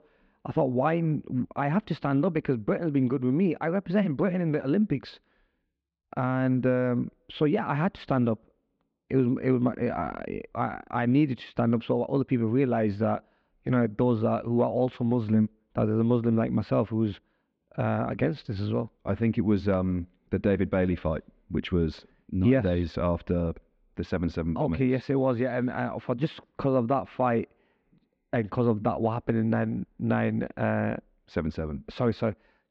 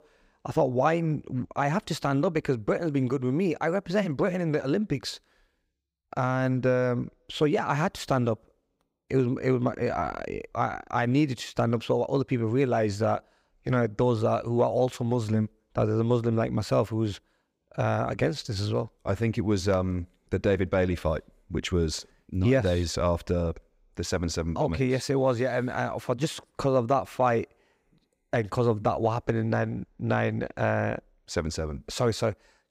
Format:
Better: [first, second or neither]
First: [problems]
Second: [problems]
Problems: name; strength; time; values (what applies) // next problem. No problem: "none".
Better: second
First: muffled; slightly; fading above 3.5 kHz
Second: none